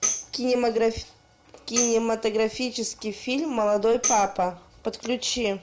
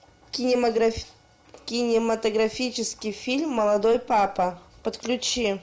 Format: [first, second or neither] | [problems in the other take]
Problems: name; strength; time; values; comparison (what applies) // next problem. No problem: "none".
second | background sound (Tambourine); 7 dB below the speech